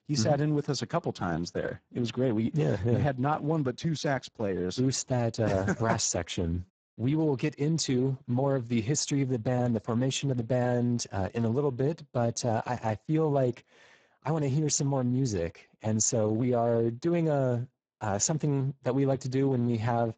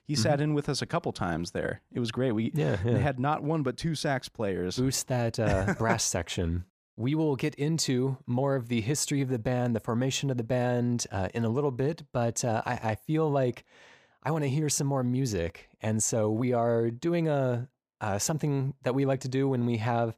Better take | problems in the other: second | garbled, watery; badly; nothing above 7.5 kHz

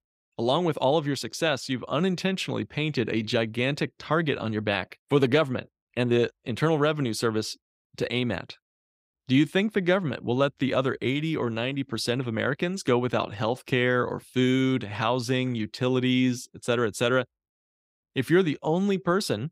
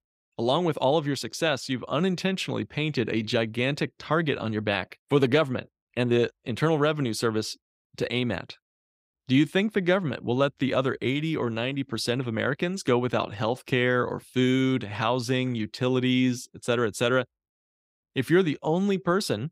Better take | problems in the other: neither | none

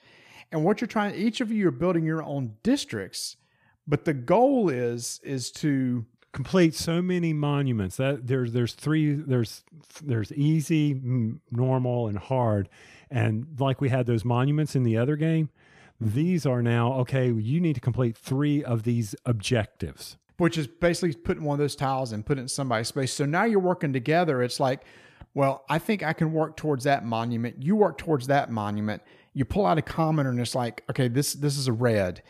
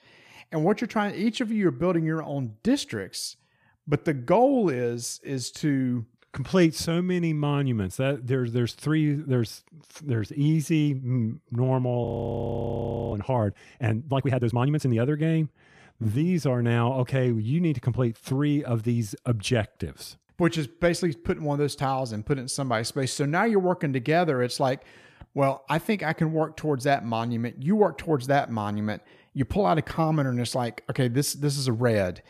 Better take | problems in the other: first | audio freezing; at 12 s for 1 s

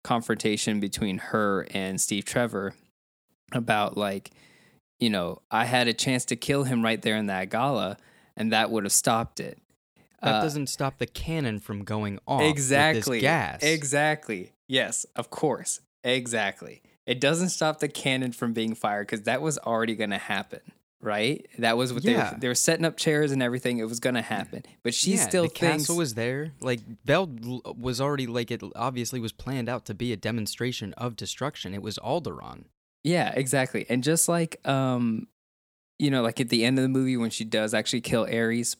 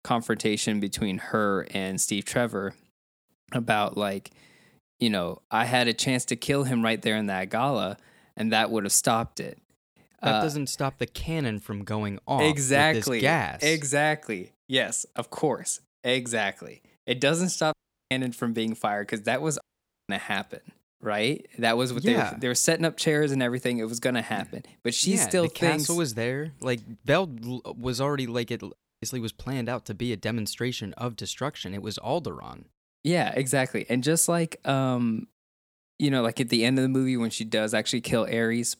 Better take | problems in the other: first | audio cutting out; at 18 s, at 20 s and at 29 s

